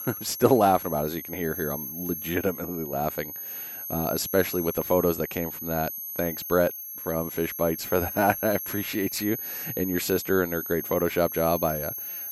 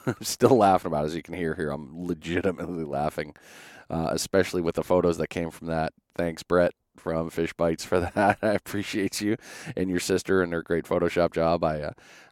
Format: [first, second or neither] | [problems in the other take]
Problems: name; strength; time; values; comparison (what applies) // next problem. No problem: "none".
second | high-pitched whine; loud; throughout; 11.5 kHz, 6 dB below the speech